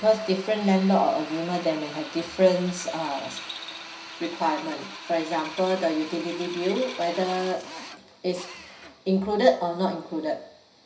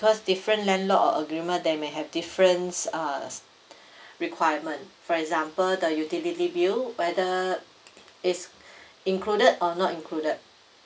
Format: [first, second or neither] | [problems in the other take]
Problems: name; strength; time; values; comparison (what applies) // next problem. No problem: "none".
second | background sound (Drill); 14 dB below the speech // room echo; dies away in 0.5 s